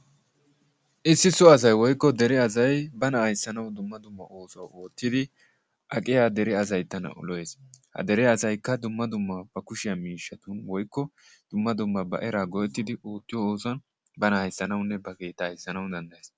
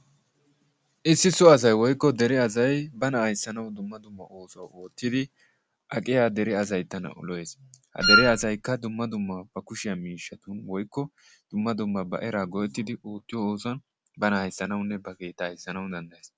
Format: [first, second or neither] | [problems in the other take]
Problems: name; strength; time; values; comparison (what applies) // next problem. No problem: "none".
first | background sound (Wind instrument, woodwind instrument); 5 dB above the speech